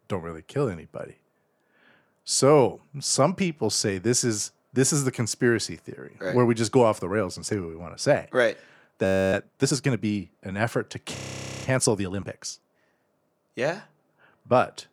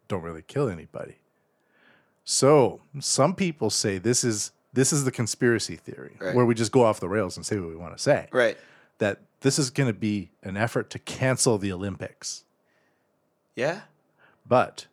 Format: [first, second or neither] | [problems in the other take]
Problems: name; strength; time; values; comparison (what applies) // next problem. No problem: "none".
second | audio freezing; at 9 s and at 11 s